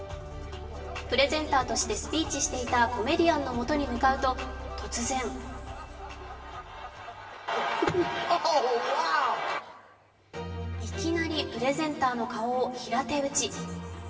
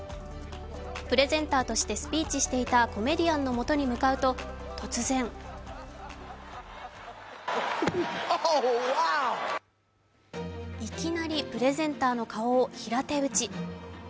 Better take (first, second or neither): second